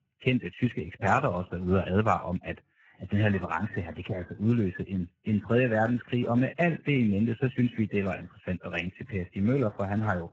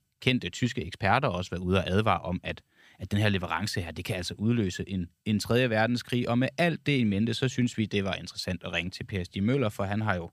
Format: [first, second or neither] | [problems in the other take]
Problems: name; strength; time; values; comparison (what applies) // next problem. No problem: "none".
second | garbled, watery; badly; nothing above 7.5 kHz